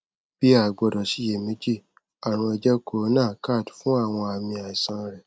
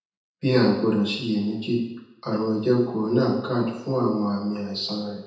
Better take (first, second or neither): first